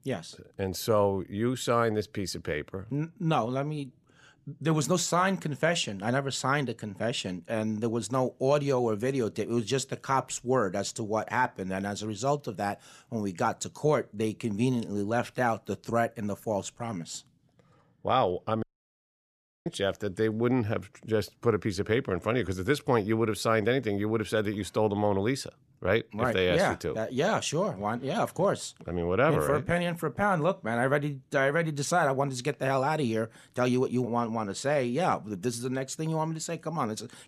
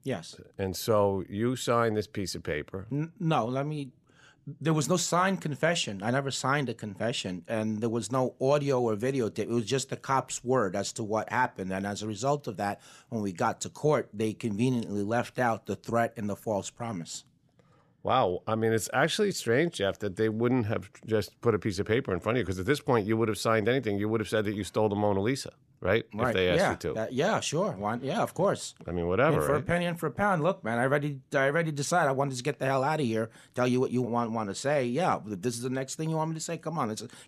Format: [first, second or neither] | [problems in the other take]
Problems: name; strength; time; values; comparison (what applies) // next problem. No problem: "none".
second | audio cutting out; at 19 s for 1 s